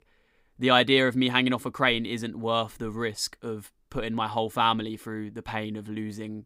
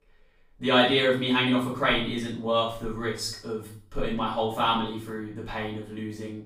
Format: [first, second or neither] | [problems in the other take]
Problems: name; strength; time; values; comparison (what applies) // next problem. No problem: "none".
first | off-mic speech; far // room echo; noticeable; dies away in 0.5 s